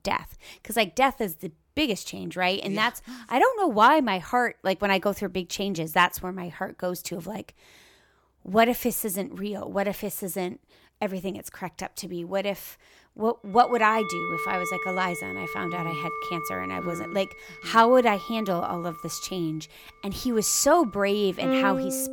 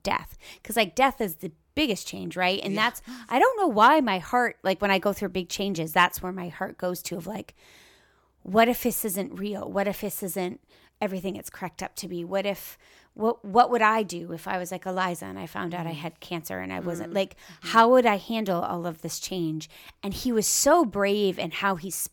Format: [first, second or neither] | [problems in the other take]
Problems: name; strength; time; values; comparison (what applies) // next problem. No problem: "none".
second | background music; loud; from 14 s on; 6 dB below the speech